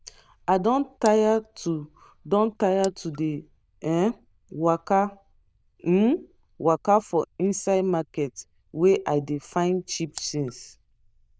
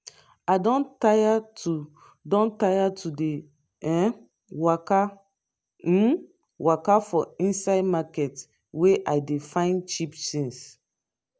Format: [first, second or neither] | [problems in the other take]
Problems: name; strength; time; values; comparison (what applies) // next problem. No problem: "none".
second | noise reduction (neural diffusion model UNIVERSE++)